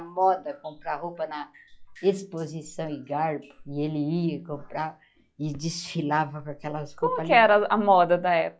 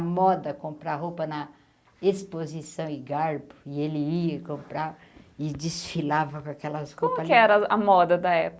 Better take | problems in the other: second | noise reduction (classical method log-MMSE)

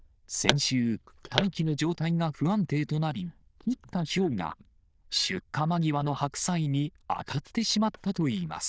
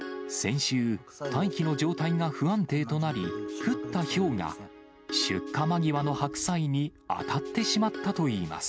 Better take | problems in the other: second | noise reduction (neural diffusion model UNIVERSE++)

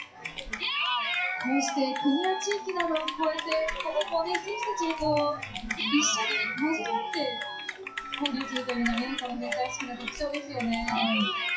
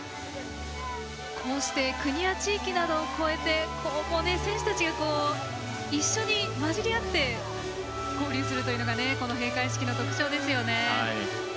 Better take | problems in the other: second | noise reduction (classical method WPE with log-MMSE)

